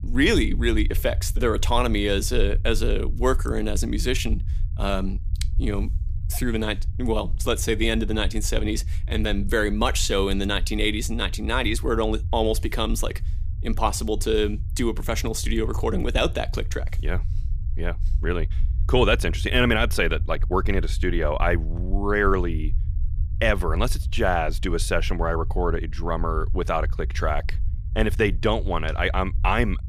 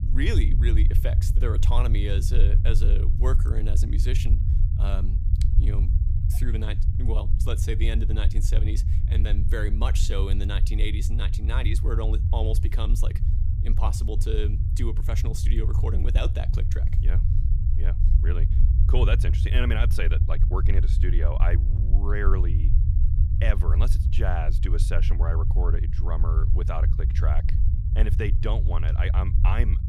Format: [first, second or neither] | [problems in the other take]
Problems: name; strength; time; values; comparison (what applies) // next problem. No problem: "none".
first | low rumble; loud; throughout; 6 dB below the speech; faint in the first